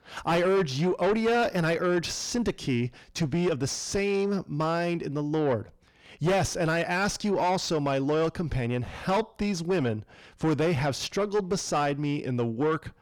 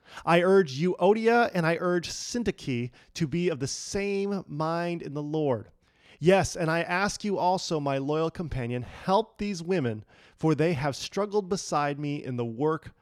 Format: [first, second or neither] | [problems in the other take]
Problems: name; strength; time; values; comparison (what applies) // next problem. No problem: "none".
second | distortion; heavy; 7 dB below the speech